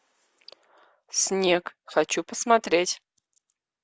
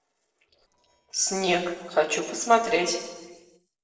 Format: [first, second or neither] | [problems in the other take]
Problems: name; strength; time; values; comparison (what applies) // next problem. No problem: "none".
first | noise reduction (neural separator model SepFormer DNS4)